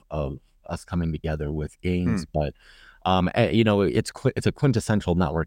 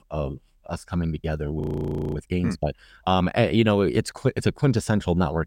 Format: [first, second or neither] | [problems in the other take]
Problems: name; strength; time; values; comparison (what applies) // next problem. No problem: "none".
first | audio freezing; at 1.5 s for 0.5 s